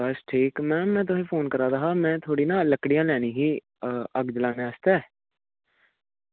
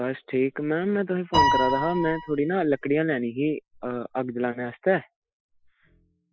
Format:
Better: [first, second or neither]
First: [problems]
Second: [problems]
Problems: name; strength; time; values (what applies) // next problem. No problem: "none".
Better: first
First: none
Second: noise reduction (classical method Wiener filter)